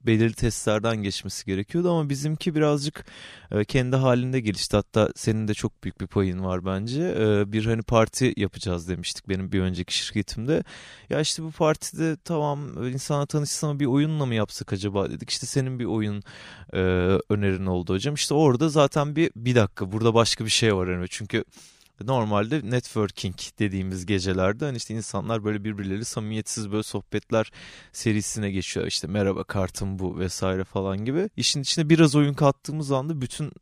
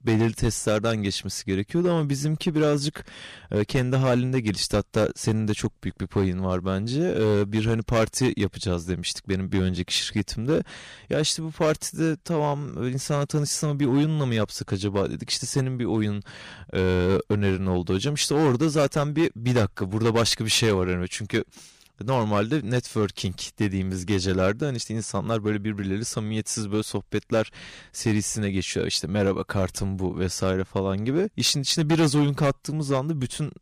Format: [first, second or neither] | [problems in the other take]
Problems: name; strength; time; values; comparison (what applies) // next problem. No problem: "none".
first | distortion; slight; 5% of the sound clipped